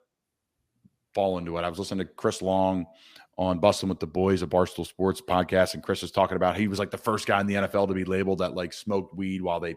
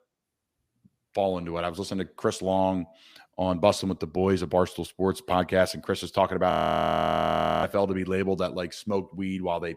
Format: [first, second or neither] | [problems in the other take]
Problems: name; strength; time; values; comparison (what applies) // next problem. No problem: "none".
first | audio freezing; at 6.5 s for 1 s